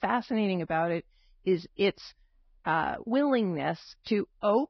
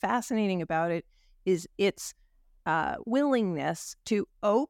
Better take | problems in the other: second | garbled, watery; badly; nothing above 5.5 kHz

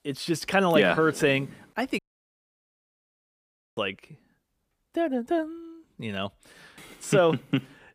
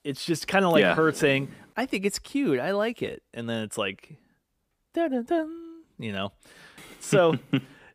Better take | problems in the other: second | audio cutting out; at 2 s for 2 s

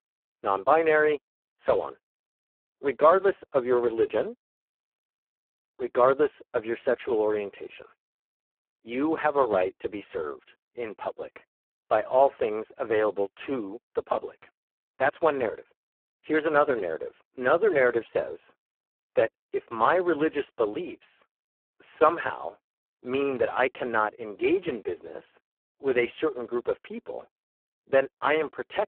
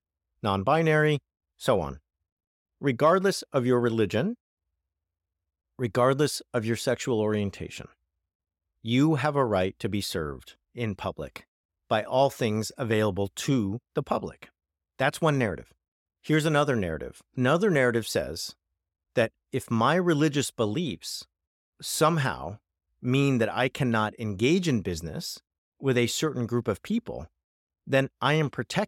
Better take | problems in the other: second | phone-call audio; poor line

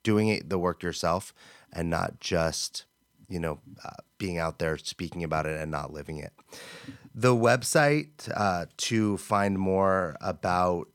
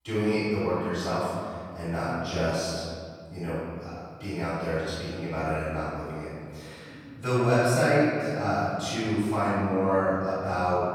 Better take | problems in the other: first | off-mic speech; far // room echo; strong; dies away in 1.9 s

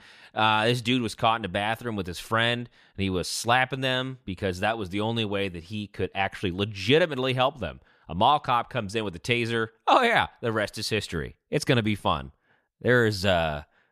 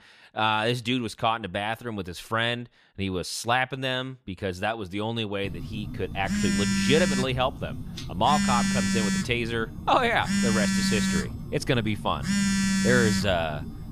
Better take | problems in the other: first | phone ringing; loud; from 5.5 s on; peak 4 dB above the speech

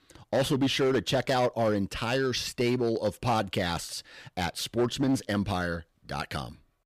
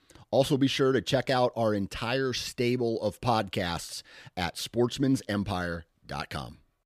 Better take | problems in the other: second | distortion; slight; 6% of the sound clipped

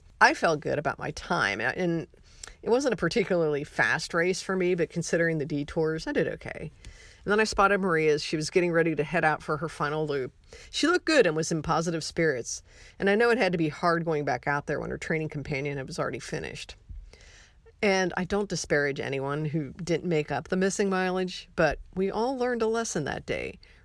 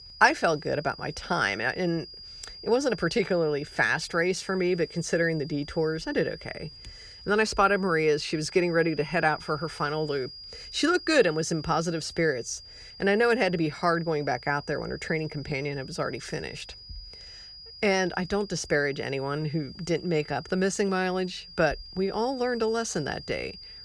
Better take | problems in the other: first | high-pitched whine; noticeable; throughout; 5 kHz, 15 dB below the speech

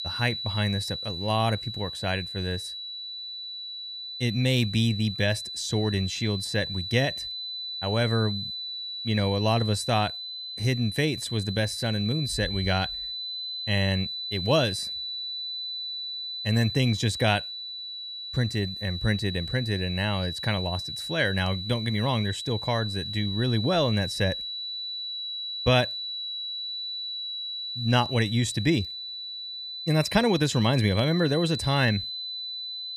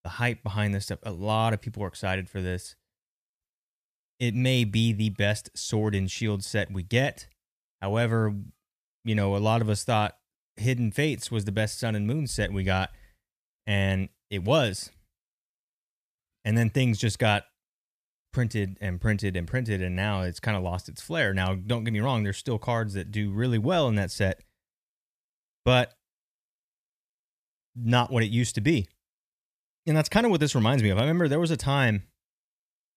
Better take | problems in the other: second | high-pitched whine; loud; throughout; 4 kHz, 5 dB below the speech

